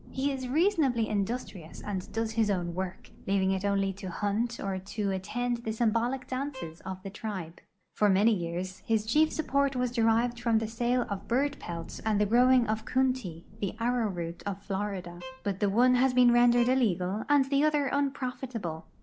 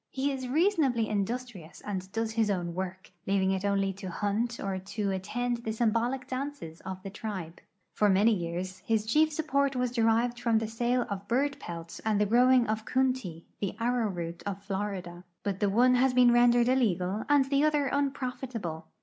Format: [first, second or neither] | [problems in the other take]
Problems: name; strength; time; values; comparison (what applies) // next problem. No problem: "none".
second | background sound (Thunder / Rain + Bowed string instrument); 18 dB below the speech